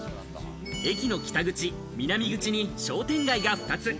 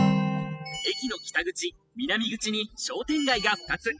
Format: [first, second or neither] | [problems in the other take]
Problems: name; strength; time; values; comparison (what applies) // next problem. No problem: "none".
first | noise reduction (classical method spectral subtraction)